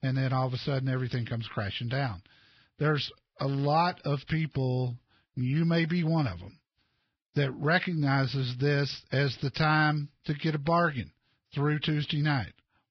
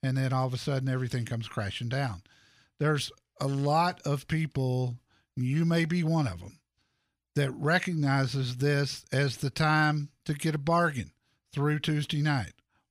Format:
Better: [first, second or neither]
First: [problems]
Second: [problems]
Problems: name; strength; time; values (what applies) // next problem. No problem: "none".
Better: second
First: garbled, watery; badly; nothing above 5 kHz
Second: none